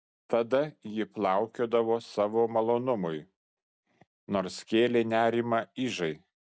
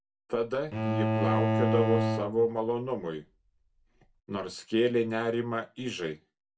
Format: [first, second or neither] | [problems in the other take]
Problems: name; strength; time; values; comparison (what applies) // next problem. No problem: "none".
first | background sound (Bowed string instrument); 1 dB above the speech // room echo; dies away in 0.2 s